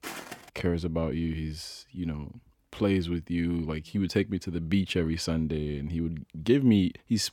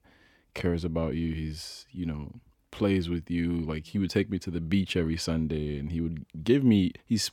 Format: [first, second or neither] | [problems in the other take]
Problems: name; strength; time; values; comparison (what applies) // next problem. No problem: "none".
second | footsteps; faint; at the start; peak 10 dB below the speech